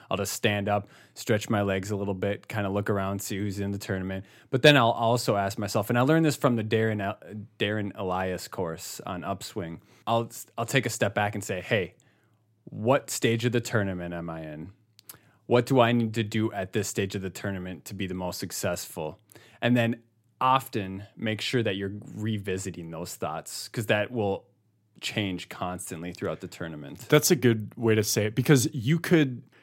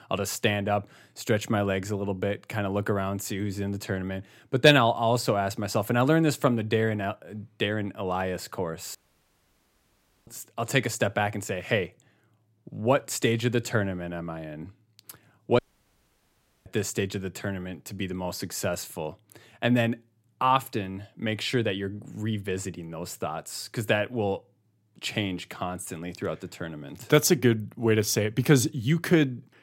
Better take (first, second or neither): first